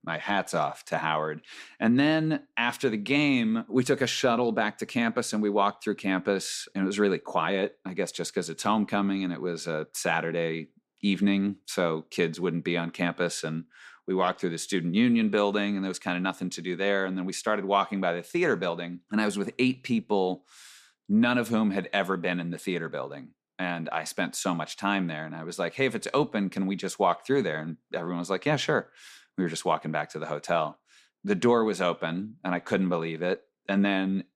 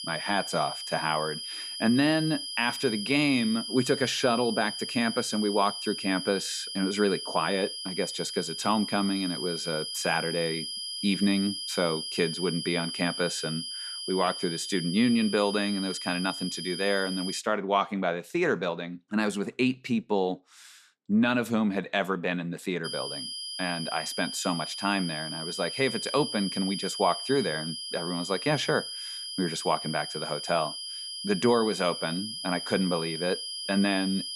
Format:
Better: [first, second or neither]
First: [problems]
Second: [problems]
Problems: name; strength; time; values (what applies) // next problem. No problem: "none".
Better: first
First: none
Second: high-pitched whine; loud; until 17 s and from 23 s on; 5 kHz, 5 dB below the speech